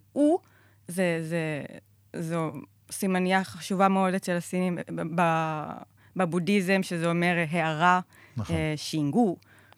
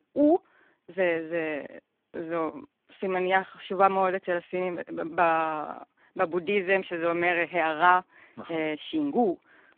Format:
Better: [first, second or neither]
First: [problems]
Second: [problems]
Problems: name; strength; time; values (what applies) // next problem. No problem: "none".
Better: first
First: none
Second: phone-call audio; poor line